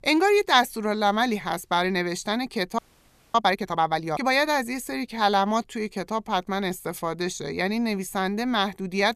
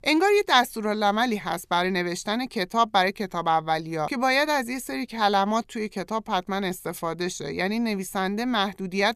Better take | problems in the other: second | audio freezing; at 3 s for 0.5 s

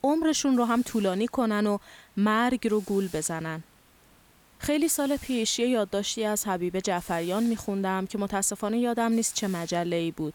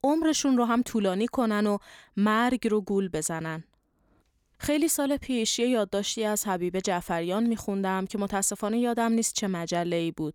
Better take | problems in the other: second | hiss; faint; throughout; 25 dB below the speech

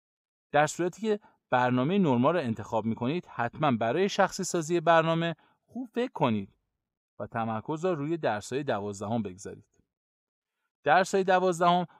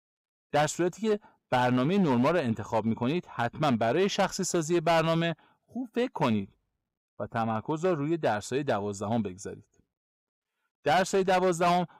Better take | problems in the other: first | distortion; slight; 7% of the sound clipped

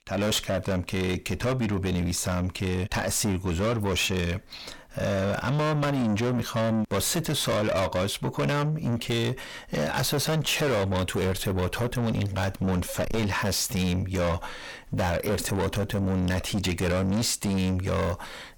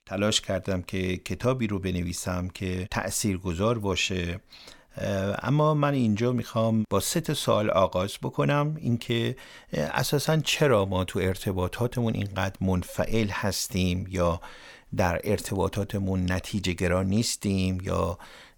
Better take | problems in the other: second | distortion; heavy; 7 dB below the speech

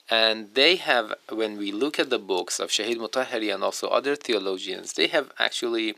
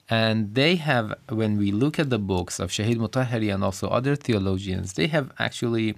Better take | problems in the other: second | thin; very; fading below 350 Hz

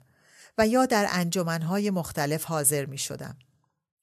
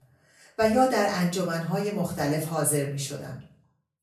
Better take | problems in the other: first | room echo; slight; dies away in 0.4 s // off-mic speech; far

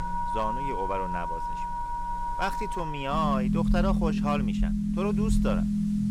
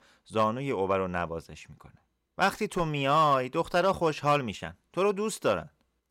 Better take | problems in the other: second | background music; very loud; throughout; 4 dB above the speech

